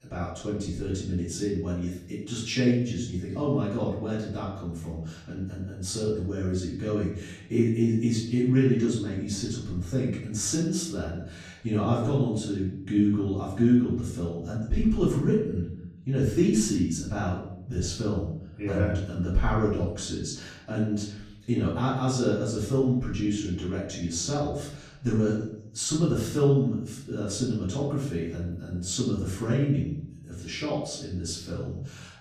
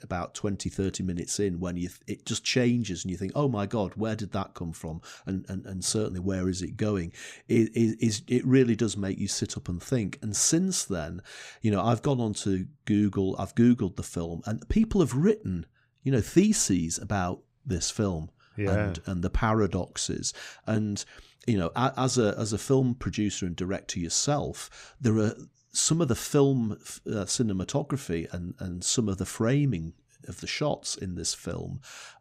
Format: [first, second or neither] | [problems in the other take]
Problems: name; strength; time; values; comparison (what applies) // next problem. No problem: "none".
second | room echo; noticeable; dies away in 0.7 s // off-mic speech; far